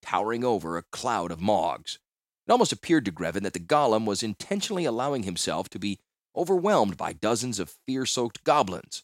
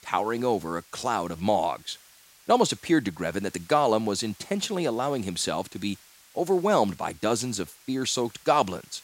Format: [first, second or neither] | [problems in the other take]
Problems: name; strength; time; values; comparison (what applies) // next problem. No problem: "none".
first | hiss; faint; throughout; 25 dB below the speech